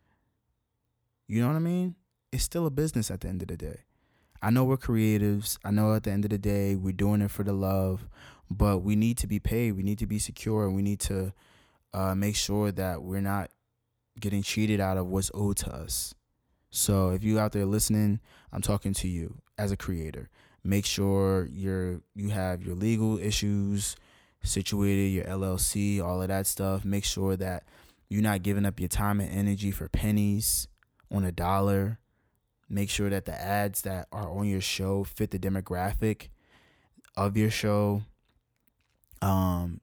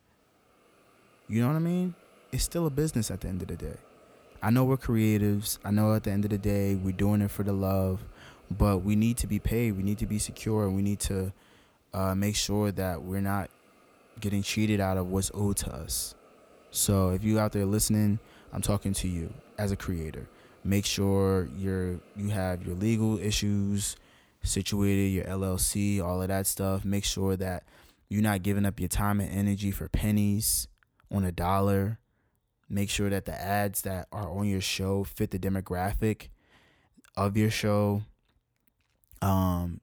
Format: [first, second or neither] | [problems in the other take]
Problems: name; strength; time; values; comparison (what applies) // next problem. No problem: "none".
first | hiss; faint; until 25 s; 30 dB below the speech